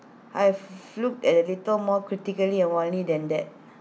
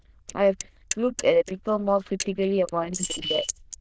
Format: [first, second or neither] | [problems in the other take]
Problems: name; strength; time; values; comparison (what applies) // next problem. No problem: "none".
first | noise reduction (neural diffusion model UNIVERSE++)